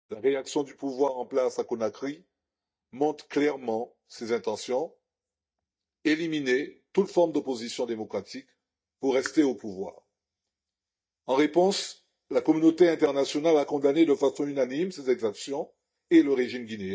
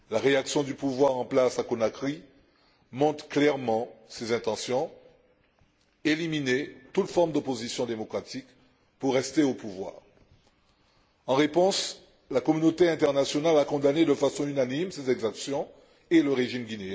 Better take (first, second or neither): second